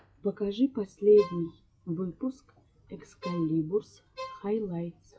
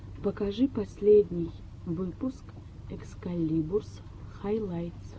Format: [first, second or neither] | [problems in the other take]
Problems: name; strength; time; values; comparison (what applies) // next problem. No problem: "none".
second | noise reduction (classical method log-MMSE)